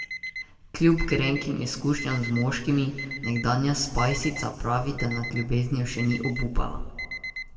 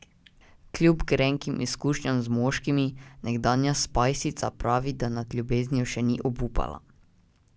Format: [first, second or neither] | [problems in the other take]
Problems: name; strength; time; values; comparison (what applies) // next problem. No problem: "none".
second | background sound (Alarm); 12 dB below the speech // room echo; dies away in 1.5 s